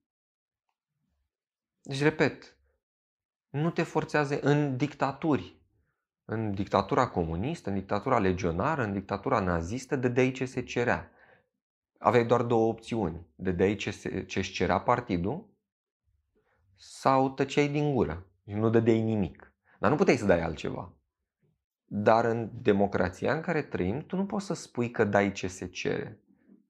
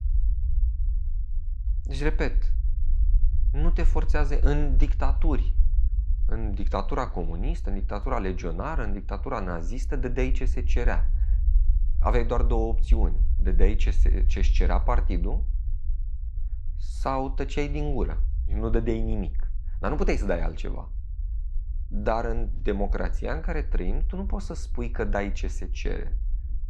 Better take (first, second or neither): first